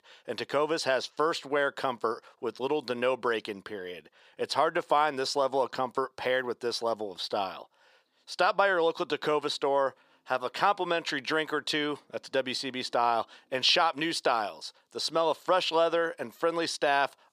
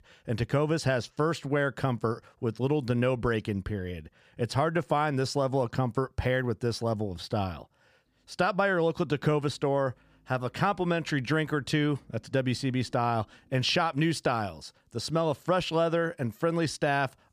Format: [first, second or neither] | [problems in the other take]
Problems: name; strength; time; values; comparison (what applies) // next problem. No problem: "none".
second | thin; somewhat; fading below 450 Hz